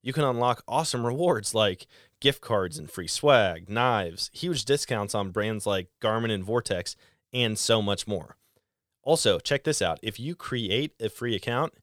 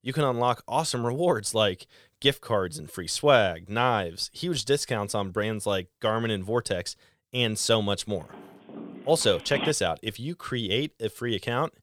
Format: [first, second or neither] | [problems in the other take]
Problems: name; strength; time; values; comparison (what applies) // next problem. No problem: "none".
first | phone ringing; noticeable; from 8.5 to 9.5 s; peak 5 dB below the speech